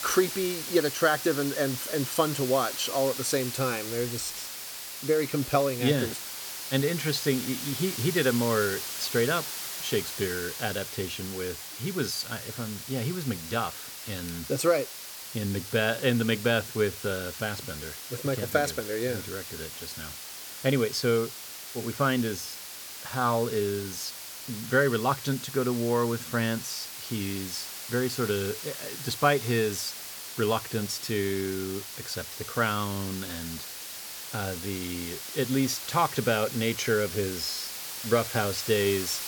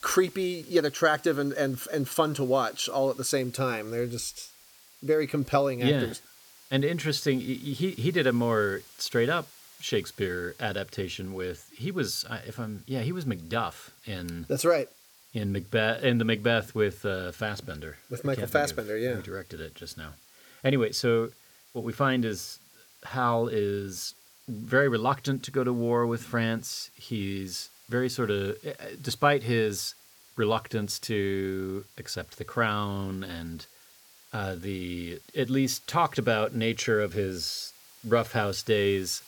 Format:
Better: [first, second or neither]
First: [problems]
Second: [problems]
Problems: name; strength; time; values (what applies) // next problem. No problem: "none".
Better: second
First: hiss; loud; throughout; 7 dB below the speech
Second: hiss; faint; throughout; 25 dB below the speech